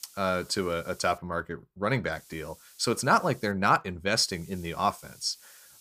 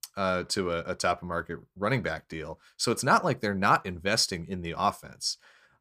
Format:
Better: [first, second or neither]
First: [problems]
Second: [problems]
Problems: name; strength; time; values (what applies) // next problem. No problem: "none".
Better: second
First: hiss; faint; until 1 s, from 2 to 3.5 s and from 4 s on; 25 dB below the speech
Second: none